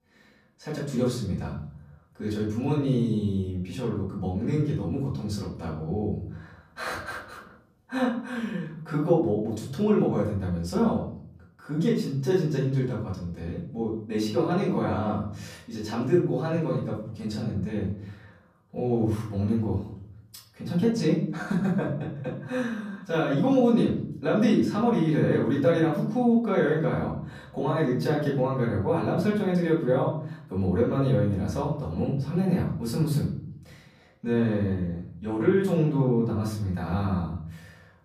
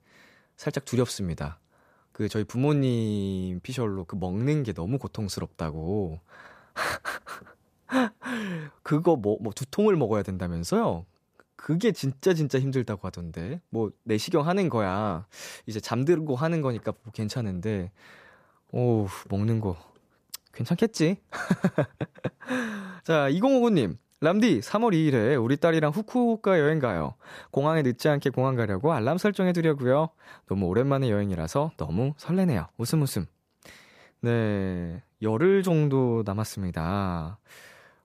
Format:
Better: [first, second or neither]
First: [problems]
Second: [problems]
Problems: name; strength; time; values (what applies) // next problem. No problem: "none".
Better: second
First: off-mic speech; far // room echo; noticeable; dies away in 0.8 s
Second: none